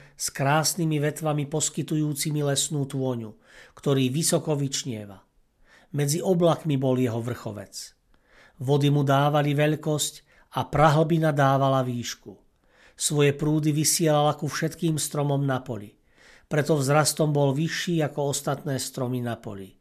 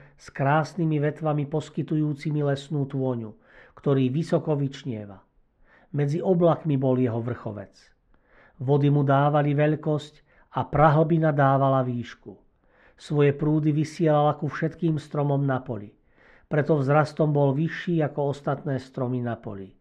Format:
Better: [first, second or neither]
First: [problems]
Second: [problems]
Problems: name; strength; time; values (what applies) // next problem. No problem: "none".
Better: first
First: none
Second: muffled; very; fading above 2 kHz